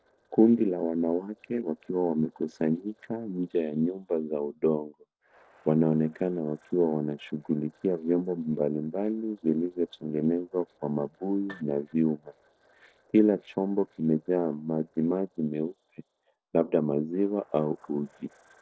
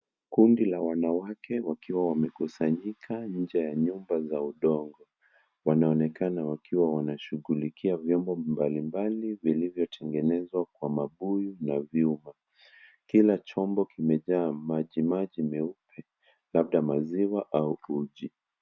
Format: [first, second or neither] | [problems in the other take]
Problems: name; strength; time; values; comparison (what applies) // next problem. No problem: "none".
second | noise reduction (neural separator model SepFormer DNS4)